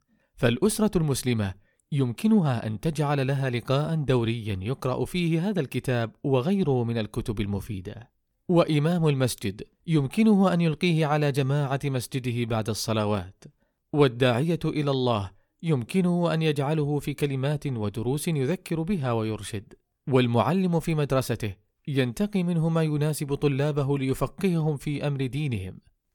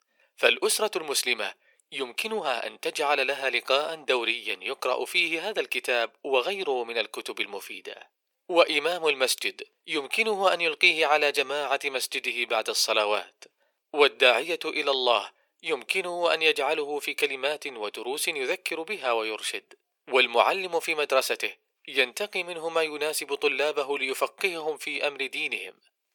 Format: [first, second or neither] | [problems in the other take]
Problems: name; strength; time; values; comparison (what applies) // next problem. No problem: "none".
first | thin; very; fading below 450 Hz